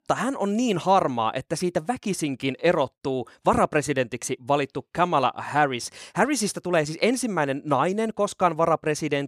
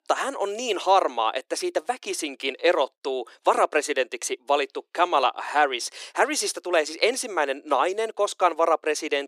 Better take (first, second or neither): first